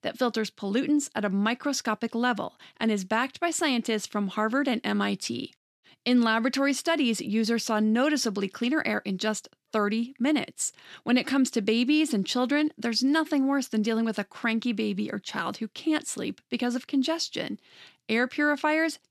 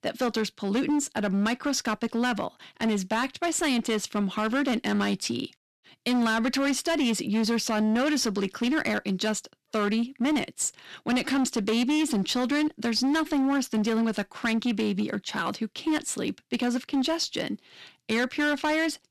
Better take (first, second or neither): first